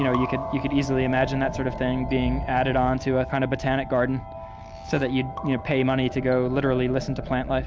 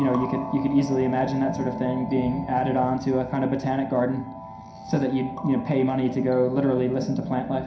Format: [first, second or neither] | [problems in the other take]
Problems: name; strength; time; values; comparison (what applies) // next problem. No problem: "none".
first | room echo; dies away in 0.5 s